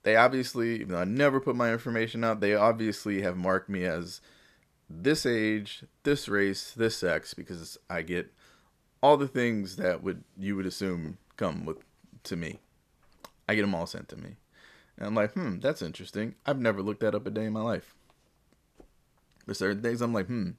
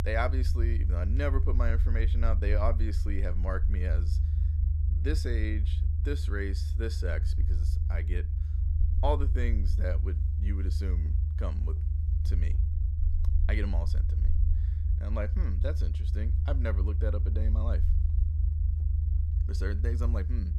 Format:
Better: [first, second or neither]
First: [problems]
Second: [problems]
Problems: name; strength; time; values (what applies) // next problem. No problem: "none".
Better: first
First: none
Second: low rumble; loud; throughout; 9 dB below the speech